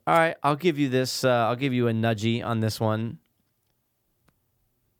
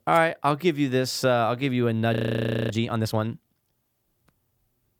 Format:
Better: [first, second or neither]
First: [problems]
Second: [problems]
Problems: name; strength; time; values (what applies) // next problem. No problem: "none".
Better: first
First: none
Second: audio freezing; at 2 s for 0.5 s